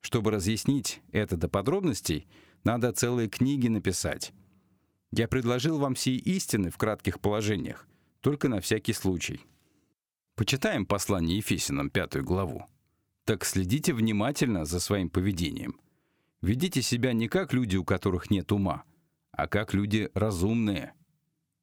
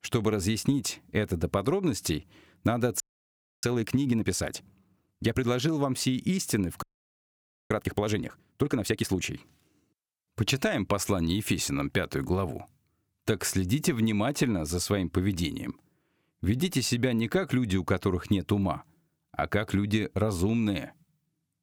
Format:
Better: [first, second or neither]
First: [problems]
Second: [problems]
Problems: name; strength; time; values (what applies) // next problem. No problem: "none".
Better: first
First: none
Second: audio freezing; at 3 s for 0.5 s and at 7 s for 1 s